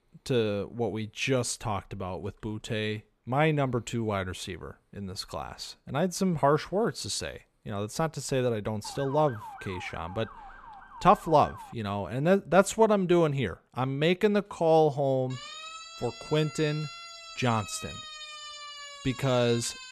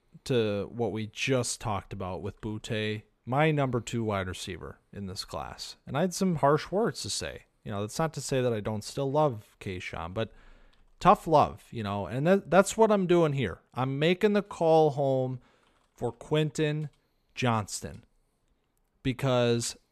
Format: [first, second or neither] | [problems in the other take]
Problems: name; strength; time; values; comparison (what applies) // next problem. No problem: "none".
second | siren; faint; from 9 to 12 s and from 15 s on; peak 10 dB below the speech